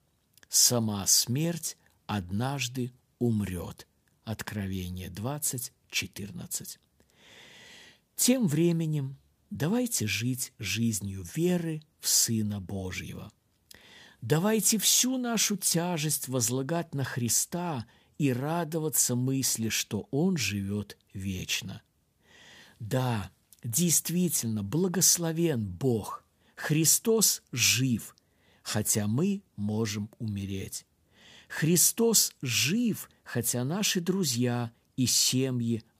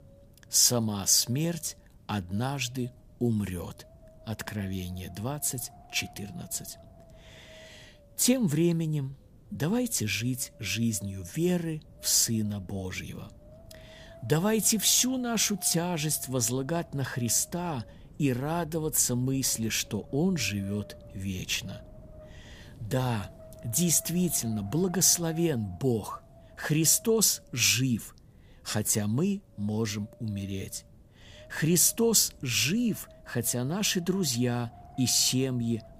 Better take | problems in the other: first | wind noise on the microphone; occasional gusts; 25 dB below the speech

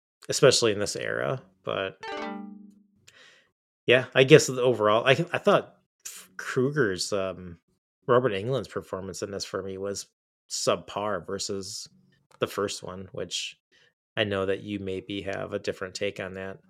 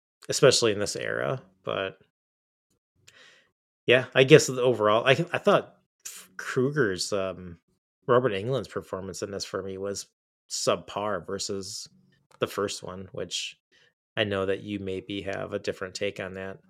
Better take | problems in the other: second | phone ringing; noticeable; at 2 s; peak 9 dB below the speech

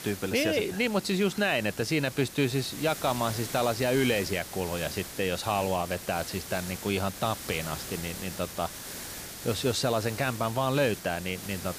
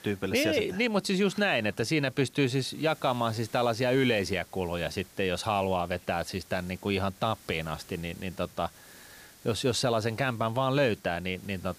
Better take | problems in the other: second | hiss; loud; throughout; 10 dB below the speech; faint in the second

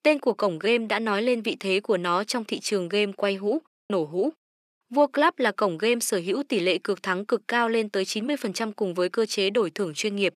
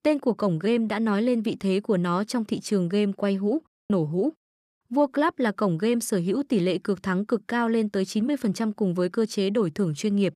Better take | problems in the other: second | thin; somewhat; fading below 350 Hz

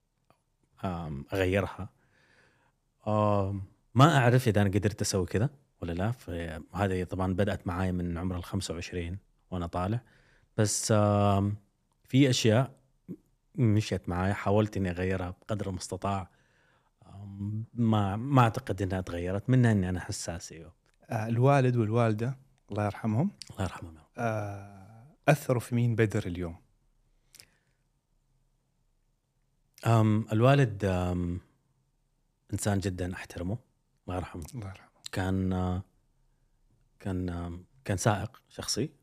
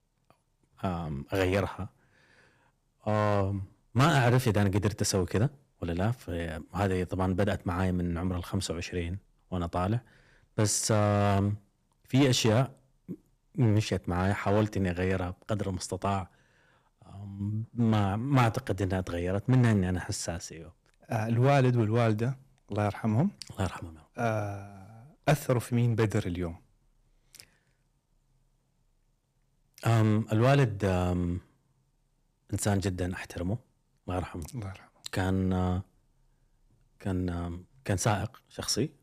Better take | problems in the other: first | distortion; slight; 4% of the sound clipped

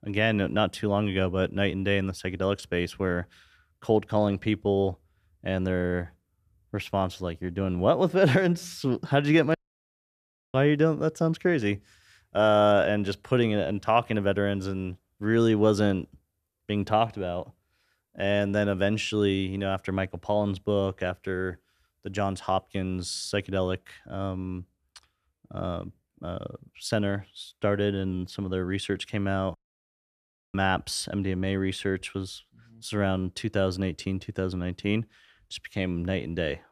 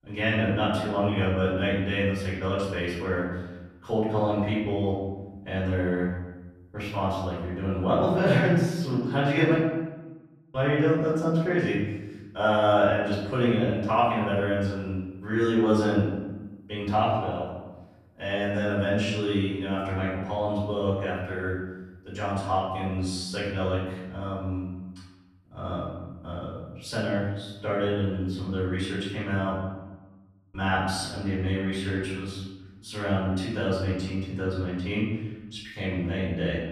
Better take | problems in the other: first | off-mic speech; far // room echo; noticeable; dies away in 1.1 s

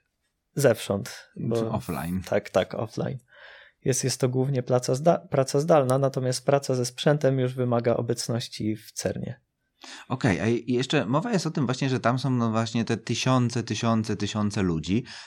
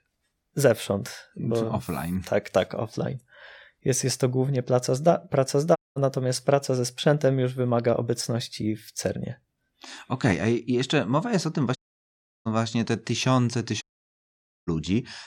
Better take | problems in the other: first | audio cutting out; at 6 s, at 12 s for 0.5 s and at 14 s for 1 s

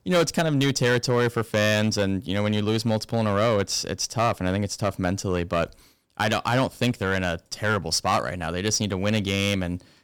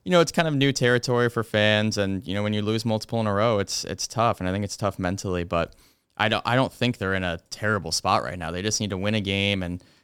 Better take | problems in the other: second | distortion; slight; 6% of the sound clipped

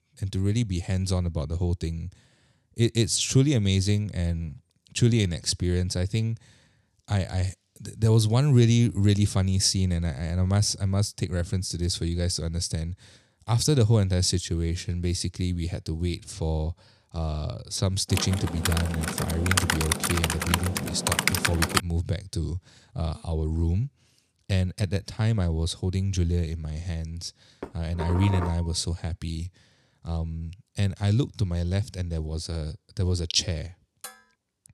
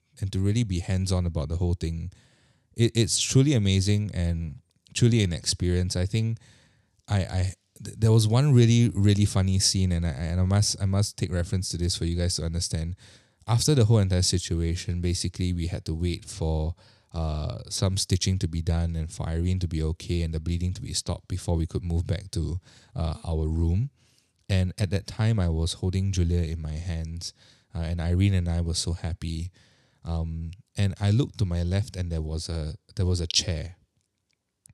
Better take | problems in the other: second | keyboard typing; loud; from 18 to 22 s; peak 3 dB above the speech // clattering dishes; noticeable; from 28 to 29 s; peak 6 dB below the speech // clattering dishes; faint; at 34 s; peak 15 dB below the speech

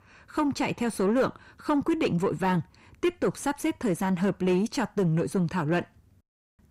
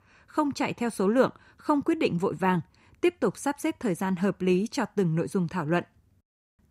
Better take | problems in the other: second | distortion; slight; 10 dB below the speech

